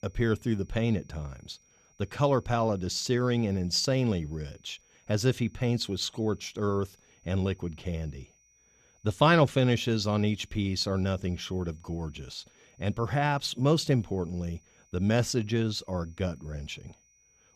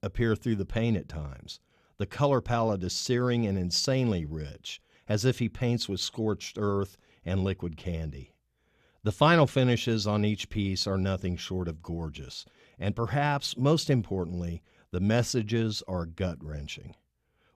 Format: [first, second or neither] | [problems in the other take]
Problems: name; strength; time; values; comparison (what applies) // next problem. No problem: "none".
second | high-pitched whine; faint; throughout; 6 kHz, 35 dB below the speech